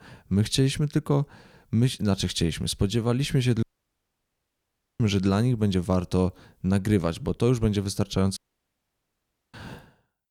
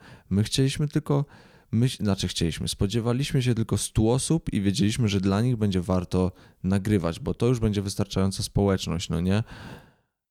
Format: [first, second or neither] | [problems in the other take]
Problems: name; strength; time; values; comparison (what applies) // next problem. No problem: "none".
second | audio cutting out; at 3.5 s for 1.5 s and at 8.5 s for 1 s